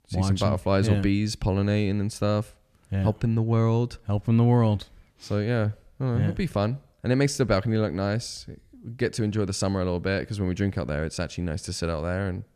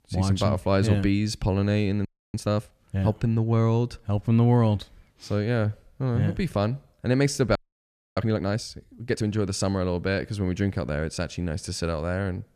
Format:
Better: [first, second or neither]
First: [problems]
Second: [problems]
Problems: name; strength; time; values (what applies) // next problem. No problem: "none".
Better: first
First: none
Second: audio freezing; at 2 s and at 7.5 s for 0.5 s